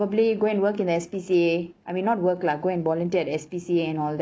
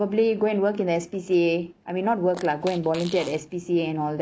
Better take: first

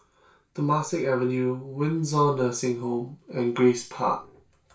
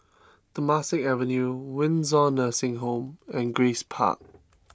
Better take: second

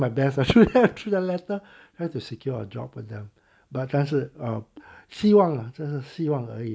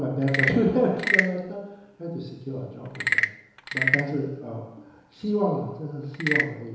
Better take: first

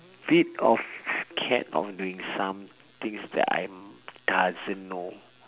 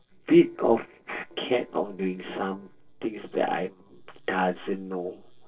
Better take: first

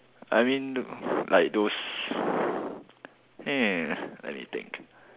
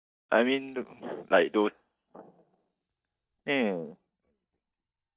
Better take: first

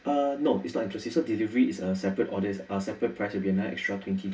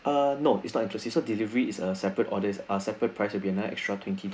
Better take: second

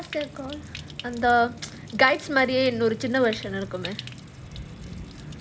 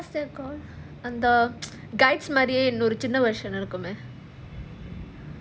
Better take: second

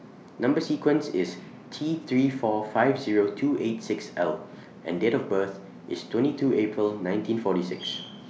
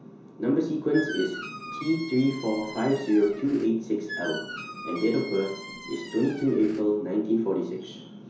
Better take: first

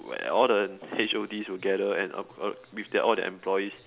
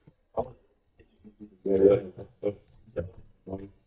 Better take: first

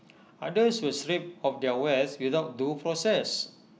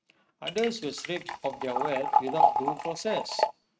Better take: first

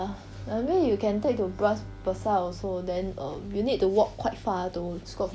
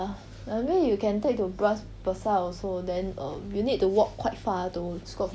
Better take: second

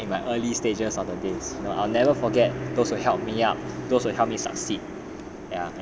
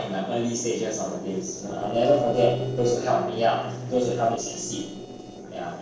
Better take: first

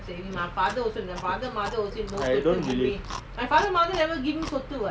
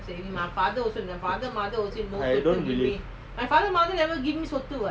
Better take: second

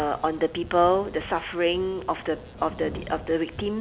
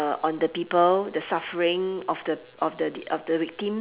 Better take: second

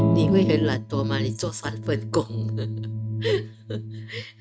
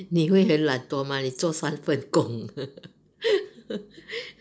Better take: second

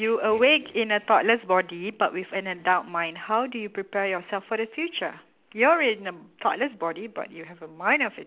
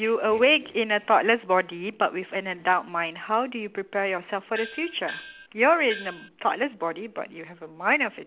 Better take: first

